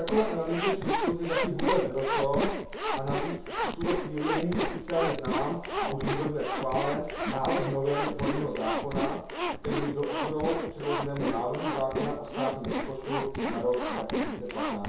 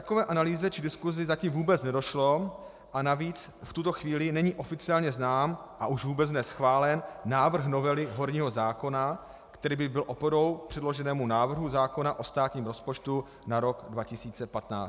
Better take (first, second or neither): second